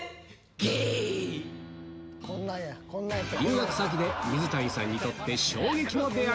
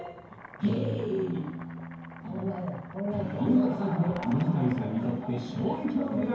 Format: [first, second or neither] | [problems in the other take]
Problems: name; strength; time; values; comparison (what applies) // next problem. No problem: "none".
first | background sound (Boiling); 20 dB below the speech // room echo; dies away in 0.9 s